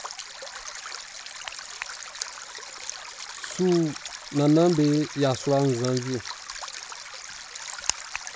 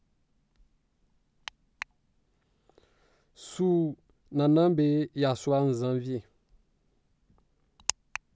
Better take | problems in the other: second | background sound (Stream); 10 dB below the speech

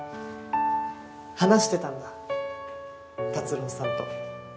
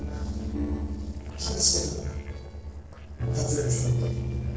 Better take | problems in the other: first | noise reduction (neural separator model SepFormer DNS4)

